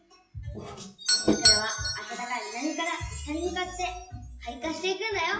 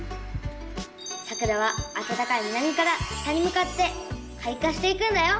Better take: second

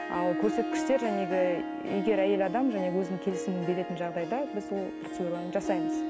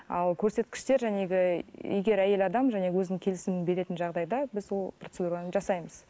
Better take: second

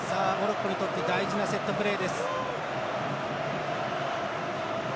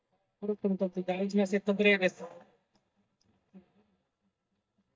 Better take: first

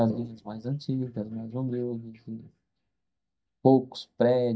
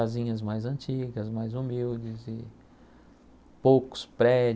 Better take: second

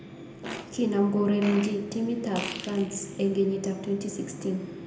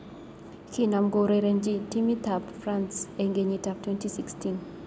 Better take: second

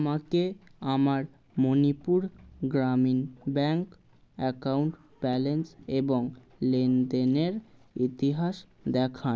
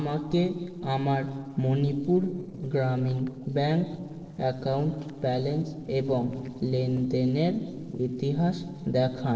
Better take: first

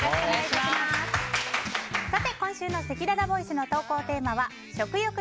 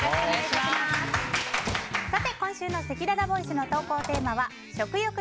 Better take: first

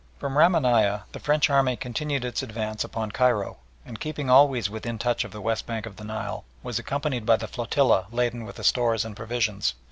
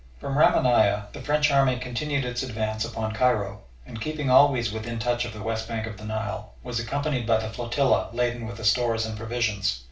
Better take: first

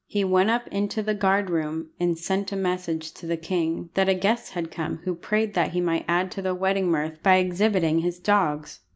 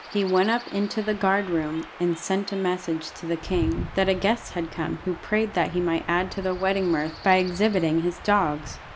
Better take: first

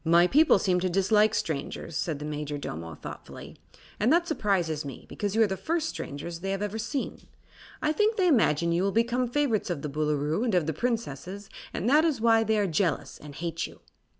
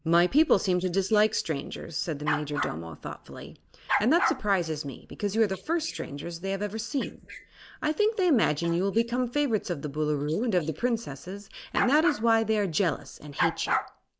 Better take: first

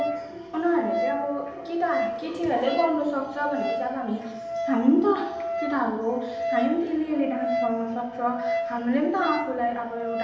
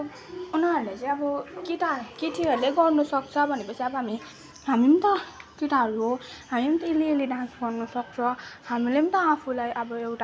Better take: second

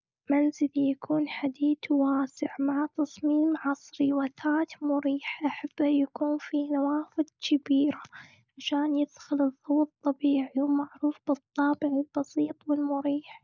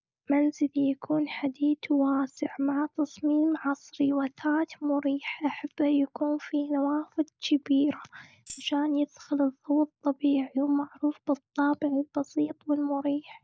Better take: first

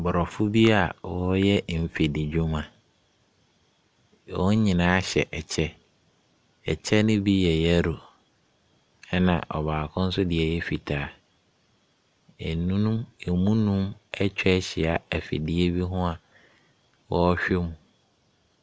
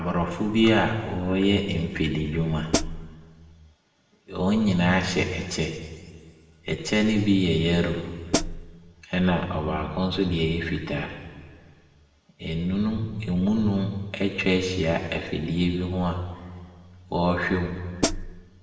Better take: first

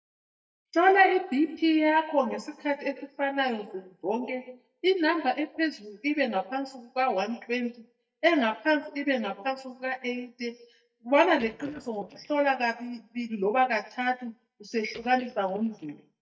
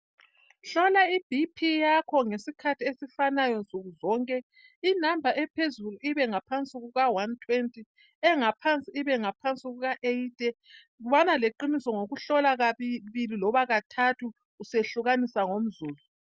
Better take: second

